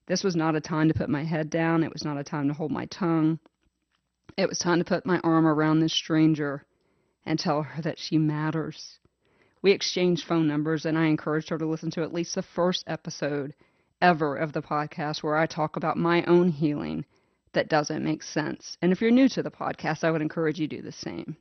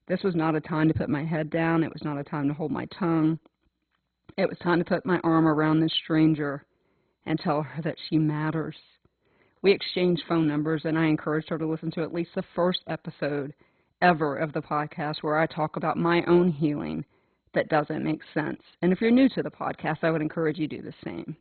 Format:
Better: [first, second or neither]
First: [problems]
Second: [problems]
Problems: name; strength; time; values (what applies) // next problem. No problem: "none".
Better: first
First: garbled, watery; slightly; nothing above 6 kHz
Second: garbled, watery; badly; nothing above 4 kHz